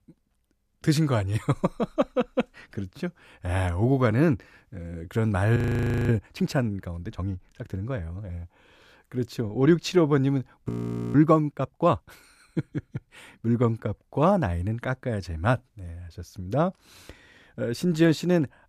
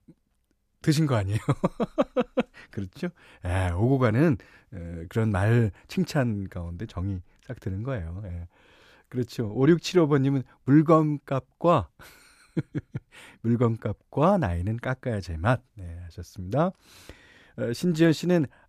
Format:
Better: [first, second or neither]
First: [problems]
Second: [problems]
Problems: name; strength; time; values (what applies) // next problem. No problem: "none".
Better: second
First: audio freezing; at 5.5 s for 0.5 s and at 11 s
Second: none